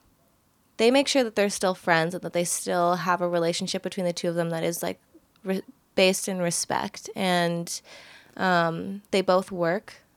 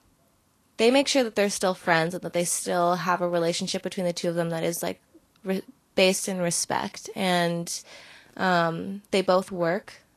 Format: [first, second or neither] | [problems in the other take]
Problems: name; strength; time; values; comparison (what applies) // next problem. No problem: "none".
first | garbled, watery; slightly; nothing above 12.5 kHz